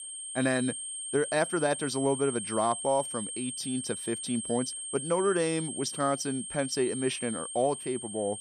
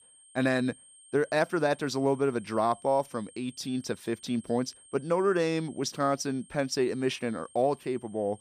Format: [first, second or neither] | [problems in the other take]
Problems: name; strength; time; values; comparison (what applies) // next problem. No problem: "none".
second | high-pitched whine; loud; throughout; 8.5 kHz, 5 dB below the speech; faint in the second